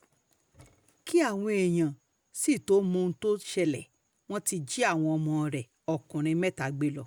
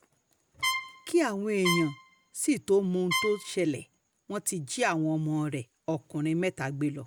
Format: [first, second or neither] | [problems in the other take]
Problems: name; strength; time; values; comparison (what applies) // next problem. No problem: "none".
first | background sound (Trumpet); 5 dB below the speech